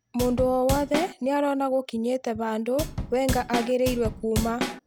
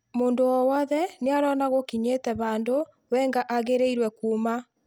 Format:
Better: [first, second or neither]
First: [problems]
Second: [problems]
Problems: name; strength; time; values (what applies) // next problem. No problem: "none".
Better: second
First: background sound (Drum / Drum kit); 5 dB below the speech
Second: none